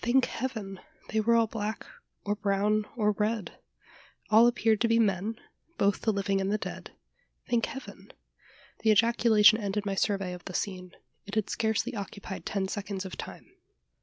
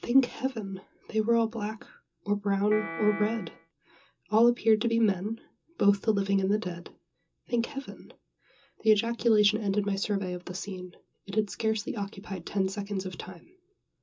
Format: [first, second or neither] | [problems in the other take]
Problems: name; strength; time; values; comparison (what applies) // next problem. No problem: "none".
first | background sound (Piano); 9 dB below the speech // room echo; dies away in 0.2 s